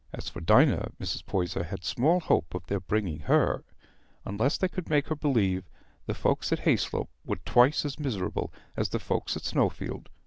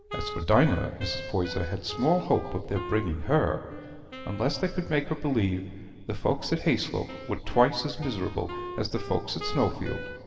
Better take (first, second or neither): first